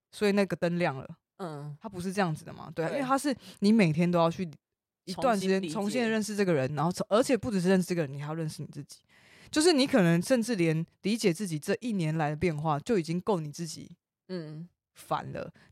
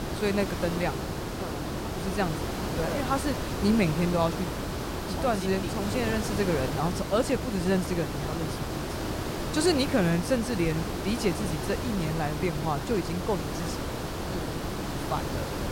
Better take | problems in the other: first | hiss; loud; throughout; 3 dB below the speech

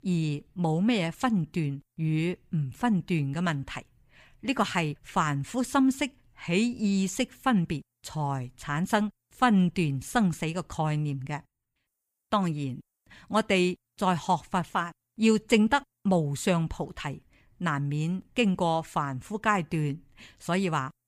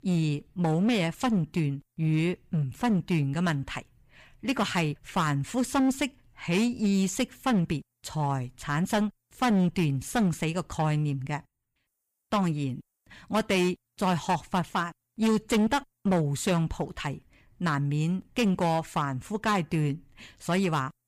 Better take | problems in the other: first | distortion; slight; 9% of the sound clipped

